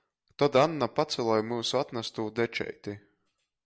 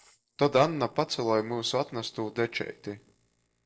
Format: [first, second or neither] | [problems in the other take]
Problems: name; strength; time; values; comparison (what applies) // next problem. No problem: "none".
first | noise reduction (neural separator model SepFormer DNS4)